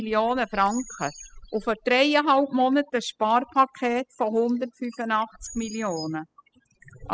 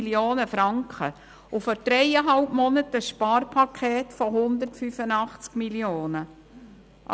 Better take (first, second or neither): second